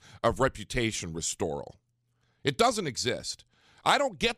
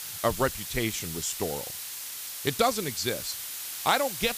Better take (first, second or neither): first